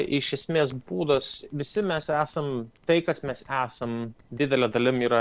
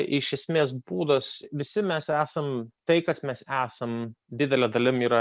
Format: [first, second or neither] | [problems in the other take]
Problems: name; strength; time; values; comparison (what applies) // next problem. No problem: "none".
second | noise reduction (neural separator model SepFormer DNS4)